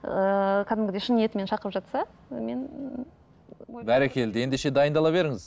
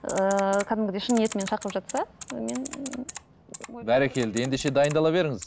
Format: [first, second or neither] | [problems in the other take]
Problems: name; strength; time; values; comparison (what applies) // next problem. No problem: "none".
first | background sound (Typing); 15 dB below the speech